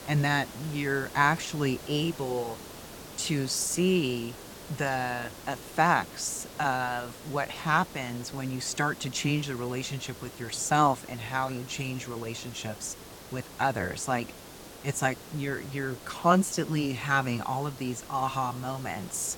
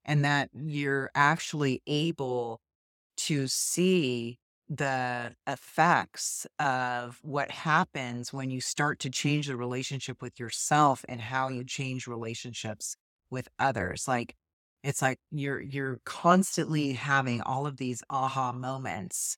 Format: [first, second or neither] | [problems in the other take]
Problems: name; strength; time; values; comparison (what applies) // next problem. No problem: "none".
second | hiss; noticeable; throughout; 15 dB below the speech